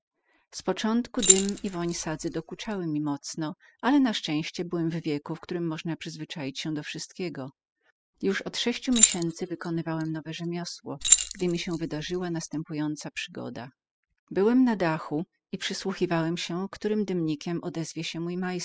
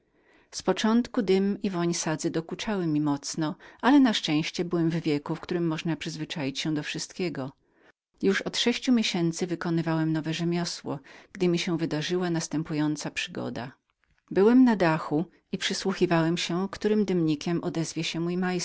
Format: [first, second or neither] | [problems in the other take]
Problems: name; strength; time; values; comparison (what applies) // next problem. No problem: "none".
second | noise reduction (classical method spectral subtraction)